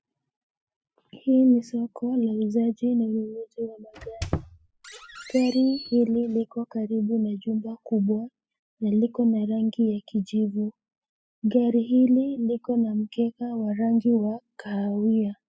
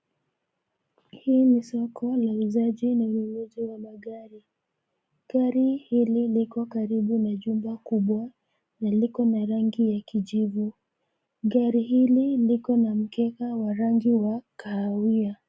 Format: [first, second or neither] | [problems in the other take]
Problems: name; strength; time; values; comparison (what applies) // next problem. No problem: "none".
second | noise reduction (classical method spectral subtraction)